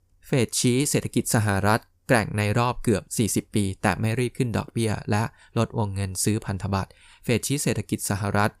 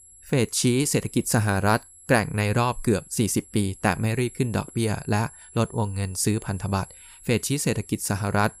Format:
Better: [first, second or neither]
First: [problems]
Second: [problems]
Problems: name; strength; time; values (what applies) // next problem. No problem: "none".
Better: first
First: none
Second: high-pitched whine; faint; throughout; 11 kHz, 20 dB below the speech